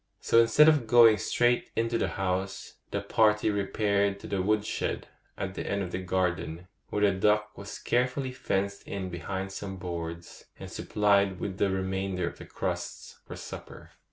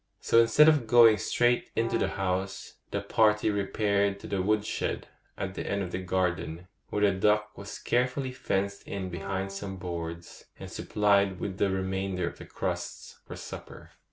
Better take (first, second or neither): first